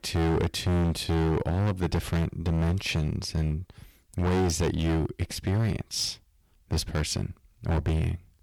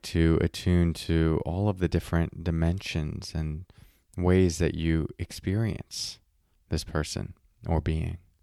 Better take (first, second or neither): second